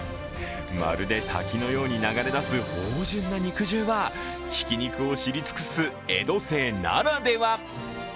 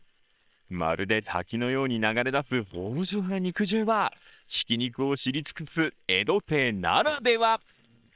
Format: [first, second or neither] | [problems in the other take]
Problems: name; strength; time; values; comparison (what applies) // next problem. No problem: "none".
first | noise reduction (neural separator model SepFormer WHAM!)